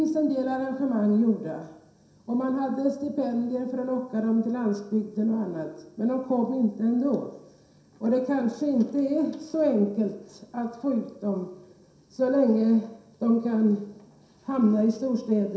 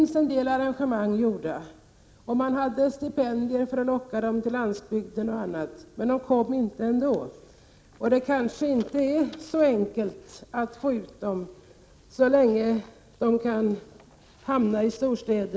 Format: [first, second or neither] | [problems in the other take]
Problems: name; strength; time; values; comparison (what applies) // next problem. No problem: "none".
second | room echo; dies away in 0.7 s